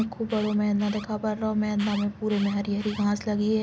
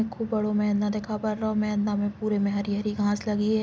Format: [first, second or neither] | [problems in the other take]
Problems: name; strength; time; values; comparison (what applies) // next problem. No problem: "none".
second | background sound (Alarm); 19 dB below the speech